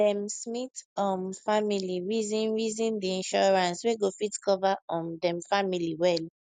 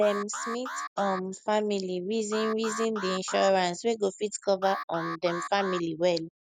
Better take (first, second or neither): first